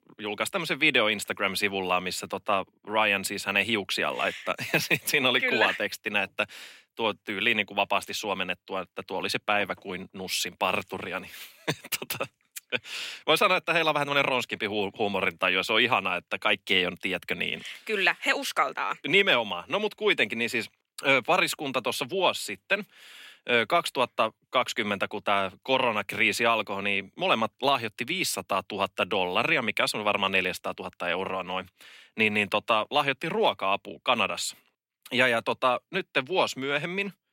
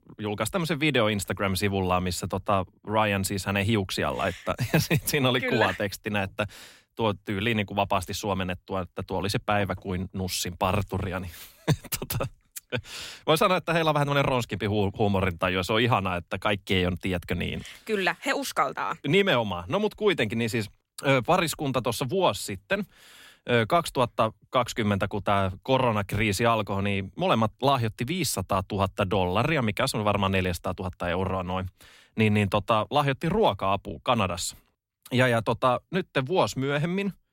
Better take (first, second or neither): second